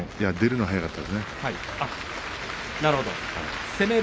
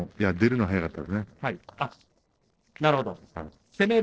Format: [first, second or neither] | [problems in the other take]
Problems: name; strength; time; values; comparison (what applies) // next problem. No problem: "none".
first | noise reduction (neural separator model SepFormer DNS4)